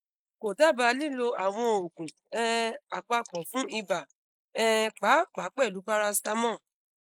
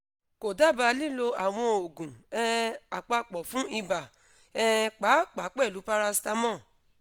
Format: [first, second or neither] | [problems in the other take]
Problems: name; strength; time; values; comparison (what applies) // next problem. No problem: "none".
second | noise reduction (neural mask model Resemble Enhance denoiser)